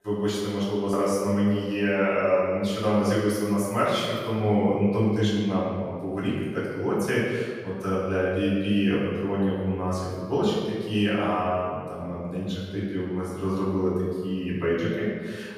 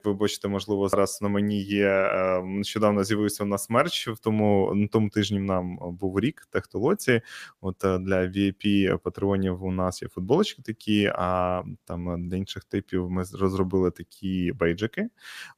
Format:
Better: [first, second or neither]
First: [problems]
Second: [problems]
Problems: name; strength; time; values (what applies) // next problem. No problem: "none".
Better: second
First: off-mic speech; far // room echo; strong; dies away in 1.5 s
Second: none